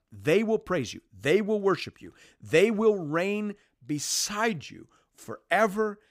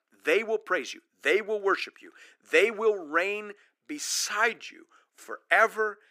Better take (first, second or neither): first